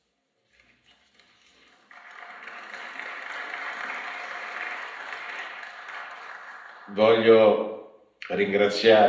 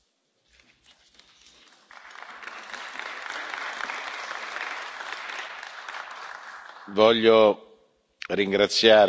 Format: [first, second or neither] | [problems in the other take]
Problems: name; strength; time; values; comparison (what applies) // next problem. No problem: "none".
second | room echo; dies away in 0.8 s